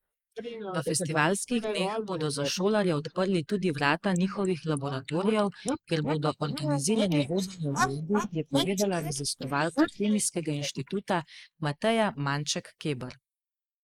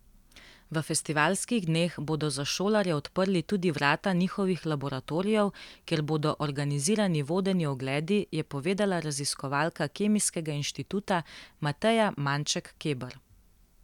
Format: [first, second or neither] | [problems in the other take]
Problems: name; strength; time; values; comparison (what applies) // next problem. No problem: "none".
second | noise reduction (neural mask model Resemble Enhance denoiser)